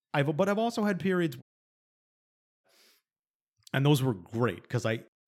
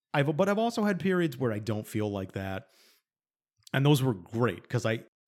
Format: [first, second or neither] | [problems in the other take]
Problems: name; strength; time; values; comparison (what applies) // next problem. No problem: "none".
second | audio cutting out; at 1.5 s for 1 s